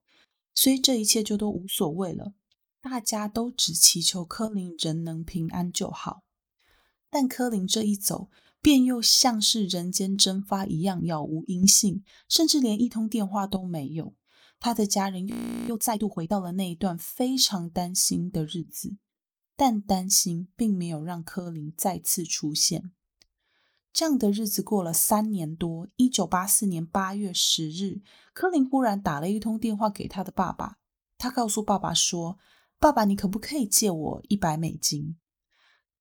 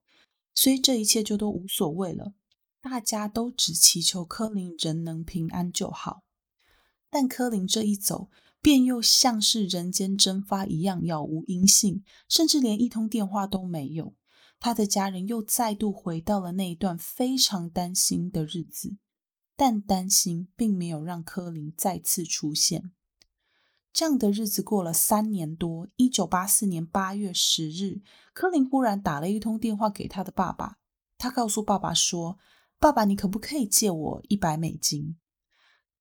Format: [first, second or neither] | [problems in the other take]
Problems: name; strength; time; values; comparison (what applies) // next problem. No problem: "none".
second | audio freezing; at 15 s